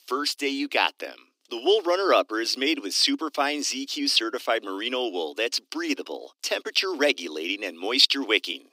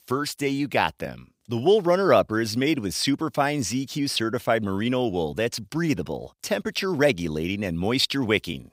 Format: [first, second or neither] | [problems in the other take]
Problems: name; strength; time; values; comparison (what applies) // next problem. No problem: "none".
second | thin; very slightly; fading below 250 Hz